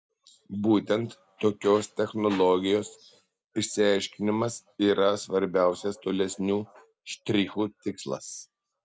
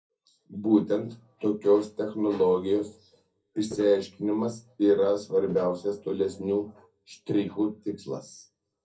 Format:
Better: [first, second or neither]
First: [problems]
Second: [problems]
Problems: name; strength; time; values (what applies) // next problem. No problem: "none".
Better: first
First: none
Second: background sound (Walk, footsteps); 14 dB below the speech // room echo; dies away in 0.3 s